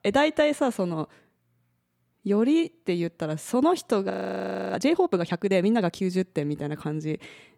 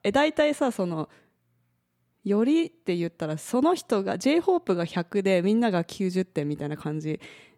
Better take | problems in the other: second | audio freezing; at 4 s for 0.5 s

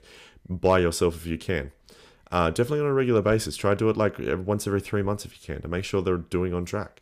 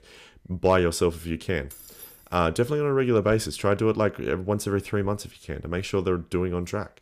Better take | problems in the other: first | jangling keys; faint; at 1.5 s; peak 15 dB below the speech

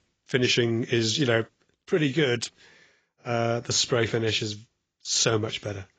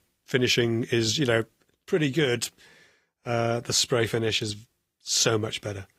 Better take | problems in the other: second | garbled, watery; badly; nothing above 7.5 kHz; slightly in the second

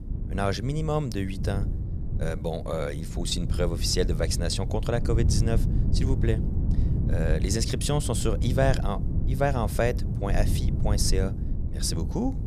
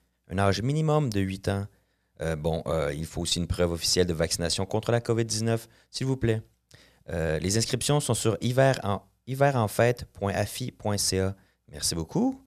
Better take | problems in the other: second | wind noise on the microphone; occasional gusts; 10 dB below the speech

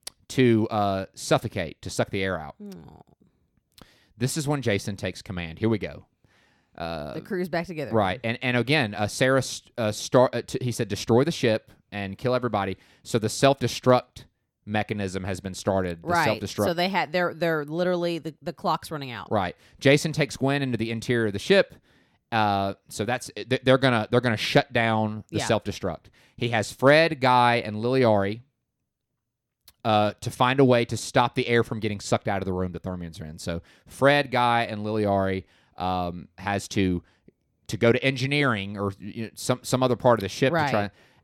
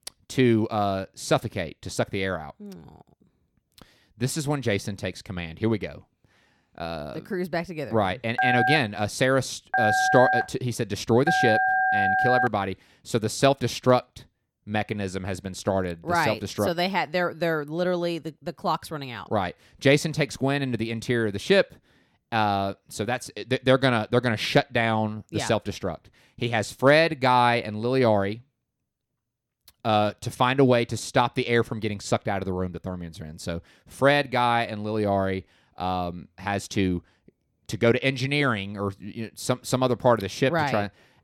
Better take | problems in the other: first | phone ringing; loud; from 8.5 to 12 s; peak 4 dB above the speech

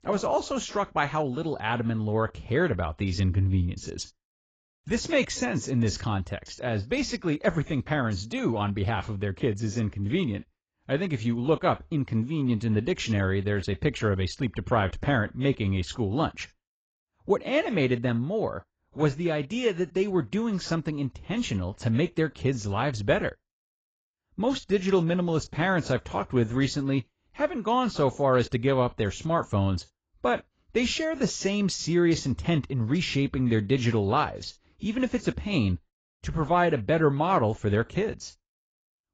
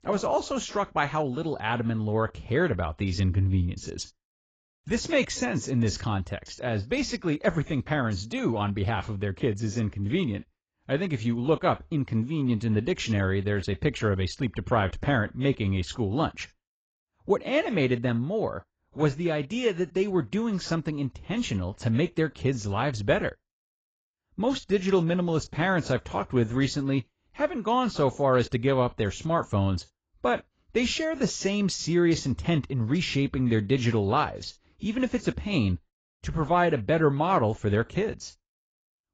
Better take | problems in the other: neither | garbled, watery; badly; nothing above 7.5 kHz; the same in both

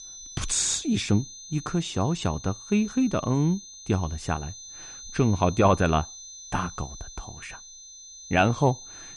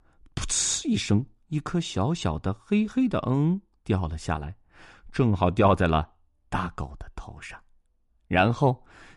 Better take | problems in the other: second | high-pitched whine; noticeable; throughout; 6 kHz, 15 dB below the speech

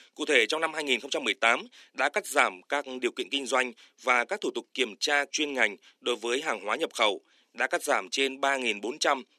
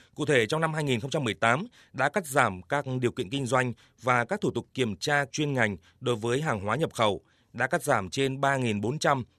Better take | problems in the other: second | thin; somewhat; fading below 250 Hz

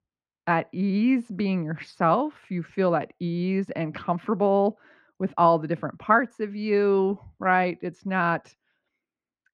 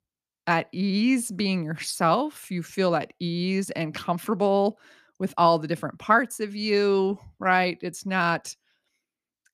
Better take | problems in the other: second | muffled; slightly; fading above 2 kHz

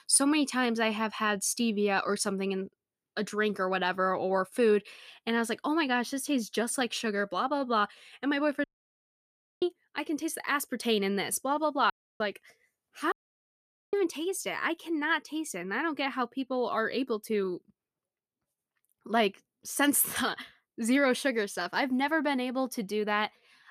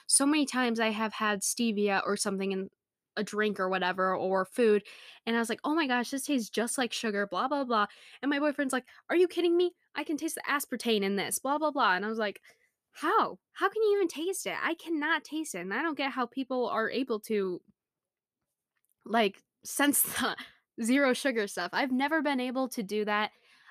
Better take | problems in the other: second | audio cutting out; at 8.5 s for 1 s, at 12 s and at 13 s for 1 s

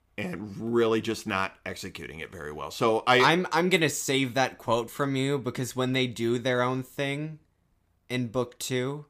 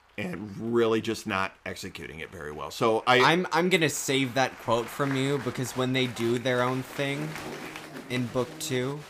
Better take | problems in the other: first | crowd noise; noticeable; throughout; 15 dB below the speech

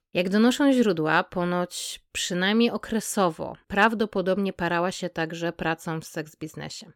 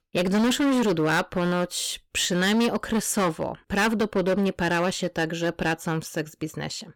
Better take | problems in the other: first | distortion; heavy; 14% of the sound clipped

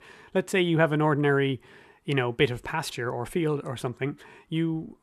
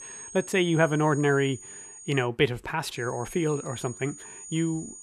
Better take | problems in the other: first | high-pitched whine; noticeable; until 2 s and from 3 s on; 7 kHz, 15 dB below the speech

